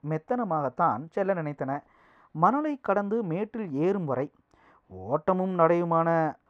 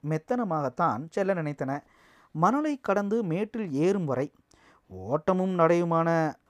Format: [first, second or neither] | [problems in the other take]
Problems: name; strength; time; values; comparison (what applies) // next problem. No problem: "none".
second | muffled; slightly; fading above 4 kHz